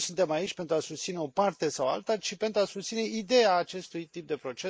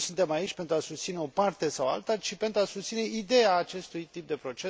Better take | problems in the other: second | noise reduction (neural mask model Resemble Enhance denoiser)

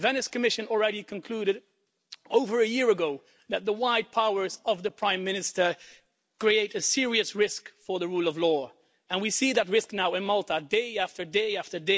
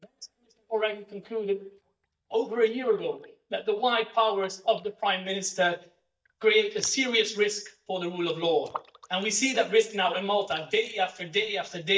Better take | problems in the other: first | noise reduction (neural mask model DeepFilterNet 3)

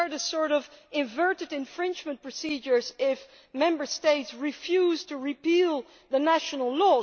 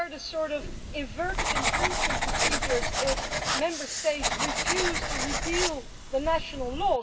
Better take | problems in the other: first | background sound (Writing); 2 dB above the speech // room echo; dies away in 0.4 s

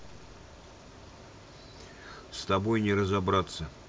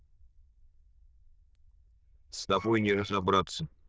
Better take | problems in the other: first | noise reduction (neural diffusion model UNIVERSE++)

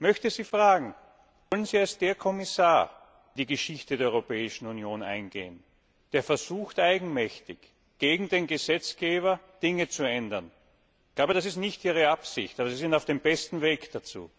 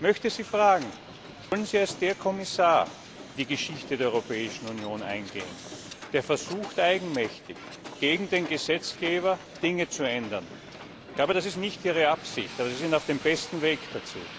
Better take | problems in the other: first | background sound (Hiss); 14 dB below the speech

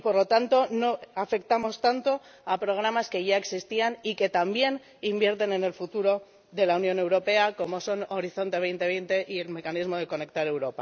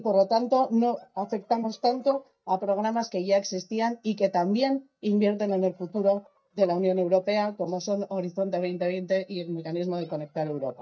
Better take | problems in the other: first | noise reduction (neural mask model DeepFilterNet 3)

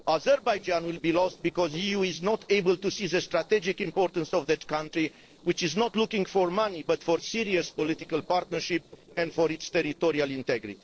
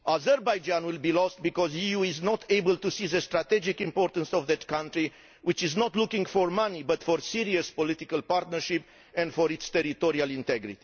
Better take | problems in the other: second | noise reduction (neural separator model SepFormer DNS4)

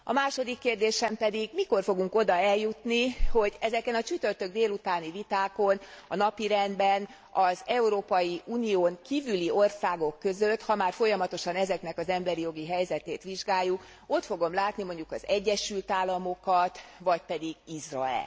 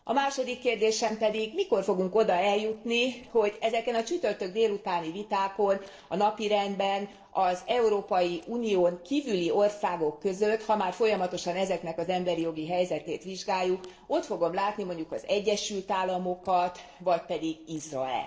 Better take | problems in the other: first | noise reduction (neural separator model SepFormer DNS4)

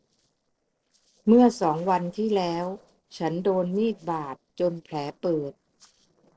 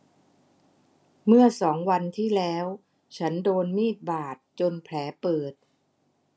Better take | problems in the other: second | noise reduction (neural separator model SepFormer DNS4)

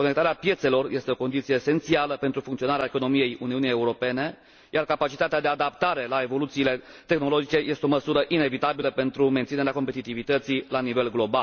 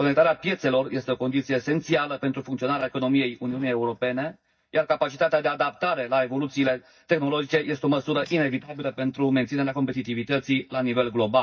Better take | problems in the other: first | noise reduction (neural mask model DeepFilterNet 3)

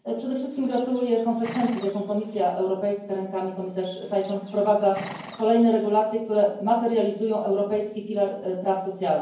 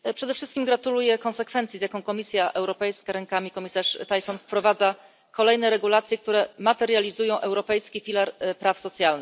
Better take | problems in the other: second | background sound (Livestock, farm animals, working animals); 18 dB below the speech // room echo; dies away in 0.9 s

